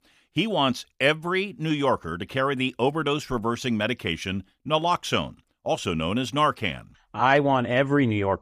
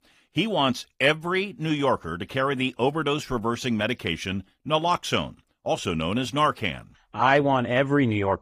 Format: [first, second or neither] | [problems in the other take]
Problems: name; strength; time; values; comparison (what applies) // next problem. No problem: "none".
first | garbled, watery; slightly; nothing above 15 kHz